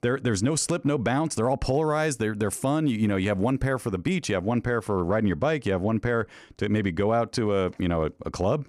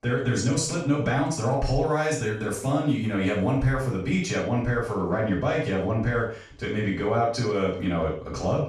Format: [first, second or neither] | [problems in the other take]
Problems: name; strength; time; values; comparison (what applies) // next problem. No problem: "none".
first | room echo; noticeable; dies away in 0.4 s // off-mic speech; far